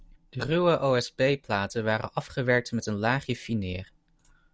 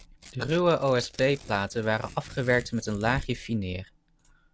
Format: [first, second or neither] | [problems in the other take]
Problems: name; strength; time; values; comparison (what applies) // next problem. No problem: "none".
first | background sound (Tearing); 17 dB below the speech